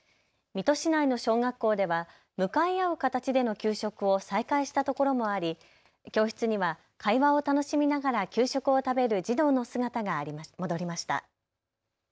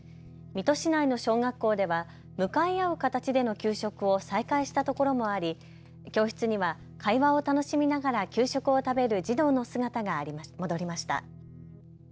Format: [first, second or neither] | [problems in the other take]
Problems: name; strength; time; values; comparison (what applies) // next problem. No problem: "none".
first | background sound (Guitar); 20 dB below the speech